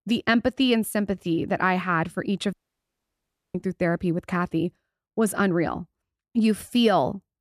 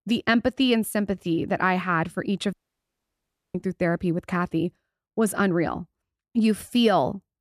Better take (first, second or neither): neither